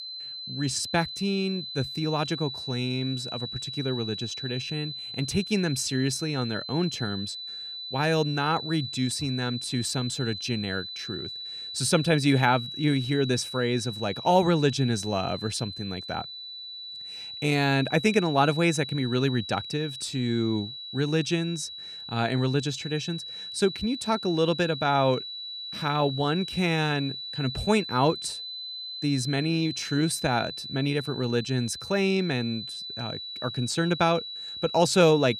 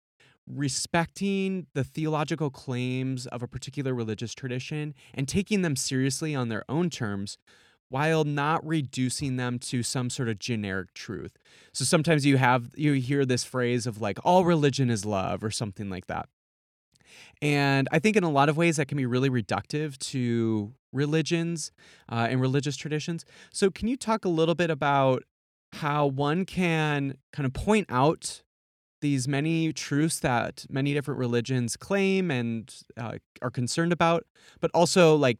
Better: second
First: high-pitched whine; loud; throughout; 4 kHz, 8 dB below the speech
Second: none

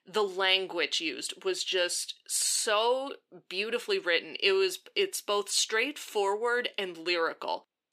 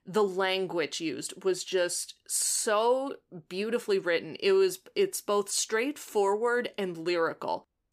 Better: second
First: thin; very slightly; fading below 300 Hz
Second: none

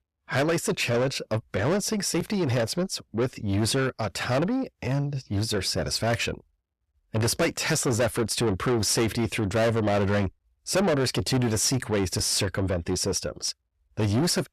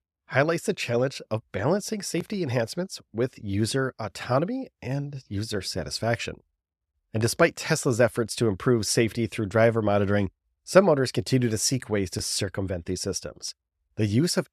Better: second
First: distortion; heavy; 6 dB below the speech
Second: none

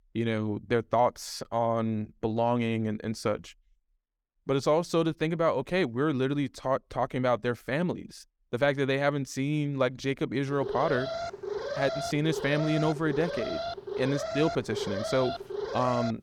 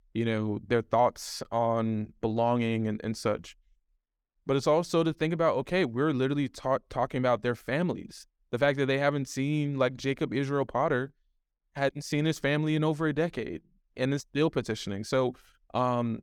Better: second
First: alarm; noticeable; from 10 s on; peak 4 dB below the speech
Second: none

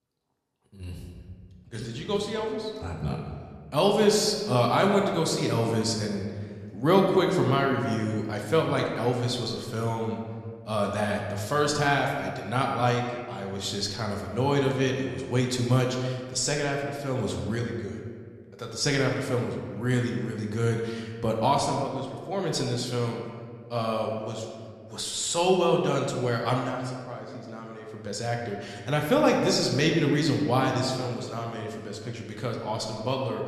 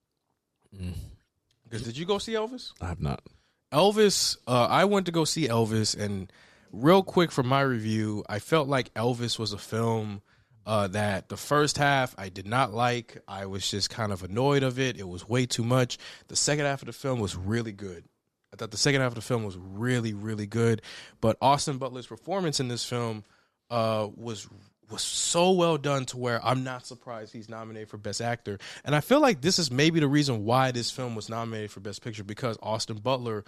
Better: second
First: room echo; noticeable; dies away in 1.5 s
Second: none

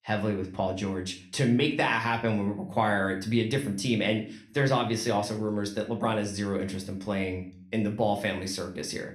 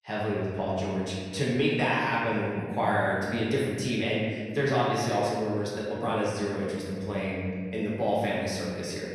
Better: first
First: room echo; slight; dies away in 0.4 s // off-mic speech; somewhat distant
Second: room echo; strong; dies away in 1.9 s // off-mic speech; far

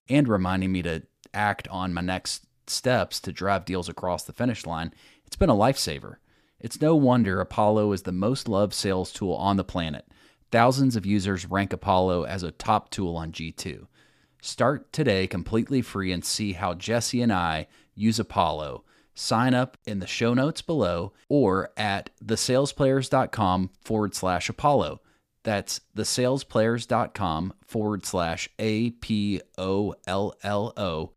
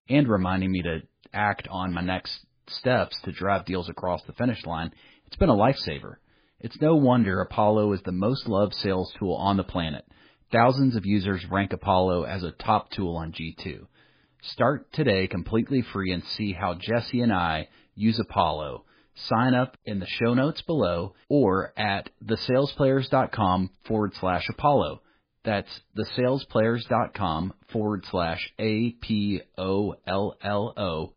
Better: first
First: none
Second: garbled, watery; badly; nothing above 5 kHz

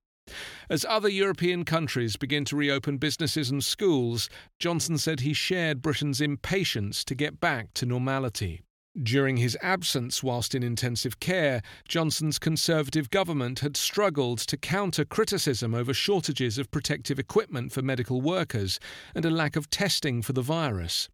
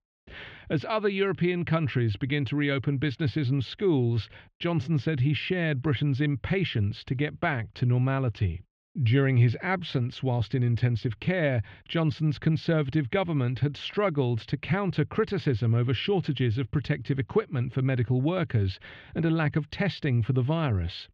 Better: first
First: none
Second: muffled; very; fading above 3 kHz

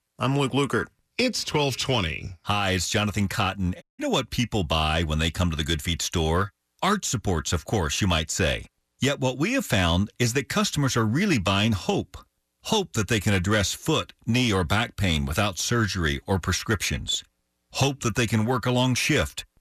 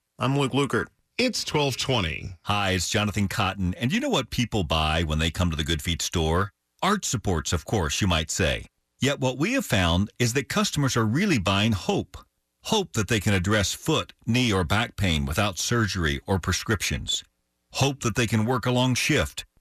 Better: second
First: audio cutting out; at 4 s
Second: none

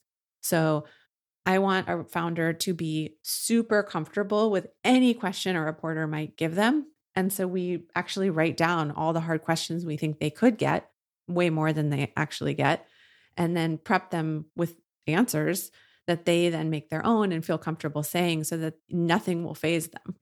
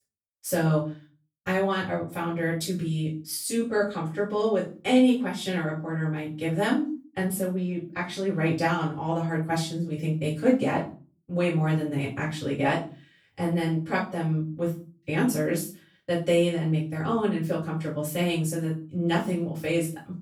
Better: first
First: none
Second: off-mic speech; far // room echo; slight; dies away in 0.3 s

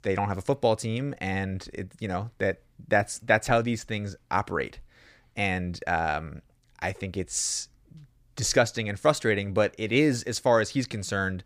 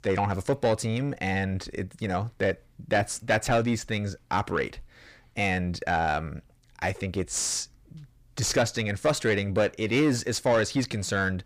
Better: first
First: none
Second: distortion; slight; 10 dB below the speech

